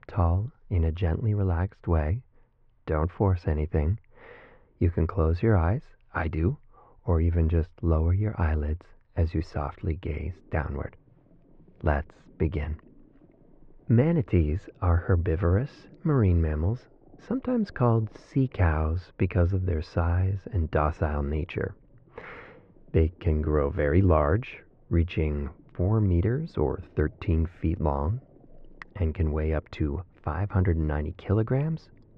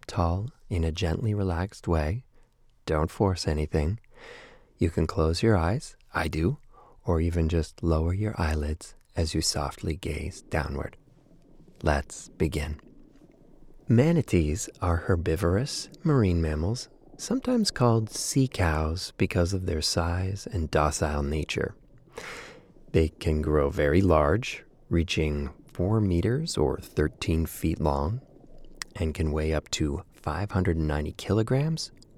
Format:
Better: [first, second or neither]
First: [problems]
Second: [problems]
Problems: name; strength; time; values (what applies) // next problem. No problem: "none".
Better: second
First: muffled; very; fading above 2 kHz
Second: none